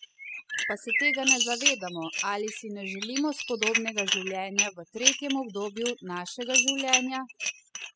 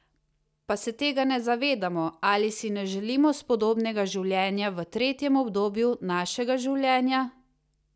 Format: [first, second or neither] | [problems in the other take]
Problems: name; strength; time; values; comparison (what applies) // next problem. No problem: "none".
second | noise reduction (classical method spectral subtraction)